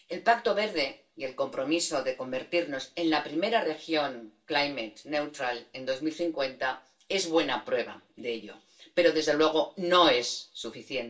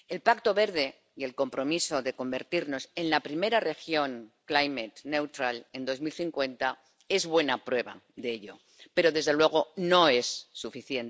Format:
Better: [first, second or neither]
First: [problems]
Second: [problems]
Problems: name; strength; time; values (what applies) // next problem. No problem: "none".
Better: second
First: room echo; dies away in 0.2 s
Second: none